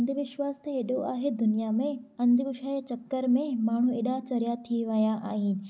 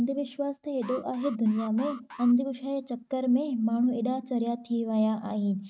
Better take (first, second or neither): first